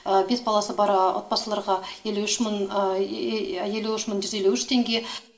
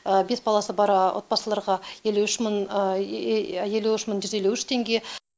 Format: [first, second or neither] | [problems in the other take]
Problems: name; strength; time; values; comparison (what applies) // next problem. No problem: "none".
second | room echo; dies away in 0.5 s